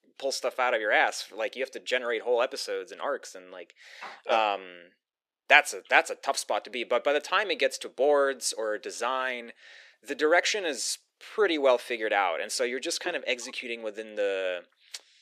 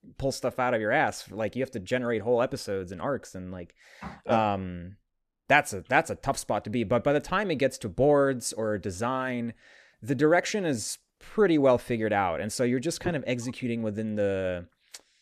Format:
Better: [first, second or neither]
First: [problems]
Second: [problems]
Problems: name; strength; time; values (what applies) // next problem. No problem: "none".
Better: second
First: thin; very; fading below 350 Hz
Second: none